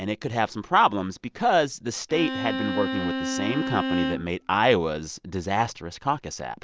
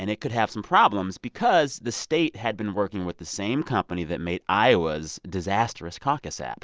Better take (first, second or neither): second